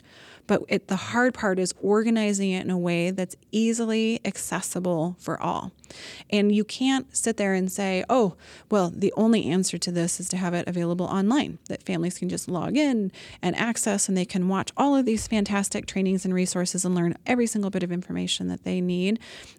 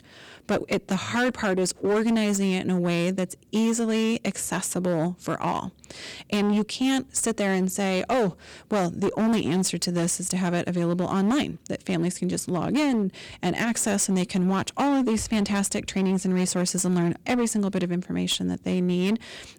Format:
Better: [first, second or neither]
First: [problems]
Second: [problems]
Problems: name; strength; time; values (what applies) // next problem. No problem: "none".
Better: first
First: none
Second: distortion; slight; 13% of the sound clipped